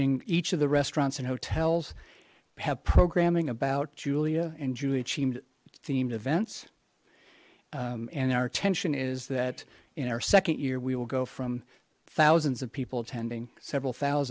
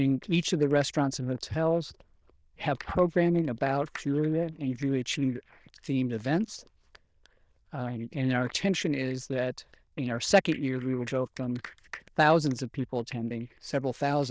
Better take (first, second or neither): first